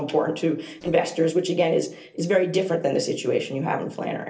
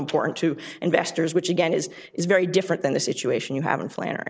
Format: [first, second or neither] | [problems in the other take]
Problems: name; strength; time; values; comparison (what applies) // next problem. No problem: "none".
second | noise reduction (neural separator model SepFormer DNS4)